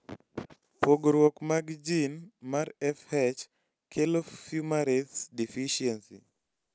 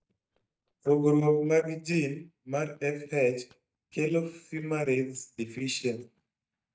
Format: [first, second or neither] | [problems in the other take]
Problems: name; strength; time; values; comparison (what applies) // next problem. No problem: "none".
first | noise reduction (neural mask model DeepFilterNet 3)